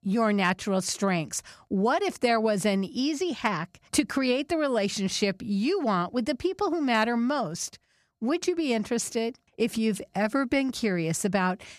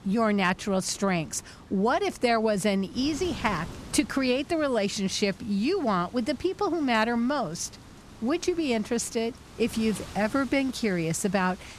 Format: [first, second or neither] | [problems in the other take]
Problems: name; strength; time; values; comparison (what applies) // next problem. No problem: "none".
first | wind noise on the microphone; occasional gusts; 20 dB below the speech